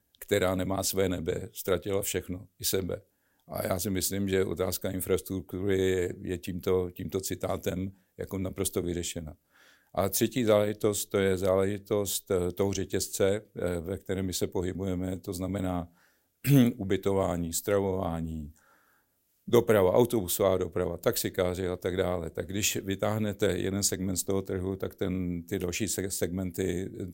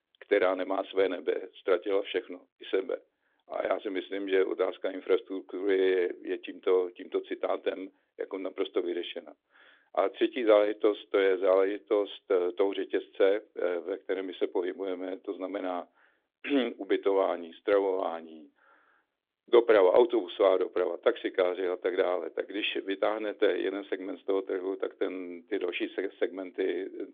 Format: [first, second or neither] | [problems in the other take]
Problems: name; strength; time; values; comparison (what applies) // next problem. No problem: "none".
first | phone-call audio; nothing above 3.5 kHz